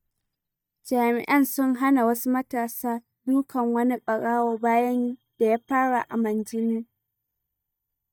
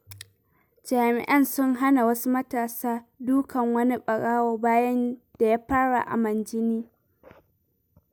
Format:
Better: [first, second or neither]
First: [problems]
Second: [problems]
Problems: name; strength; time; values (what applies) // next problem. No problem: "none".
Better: second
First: noise reduction (neural mask model DeepFilterNet 3)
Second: none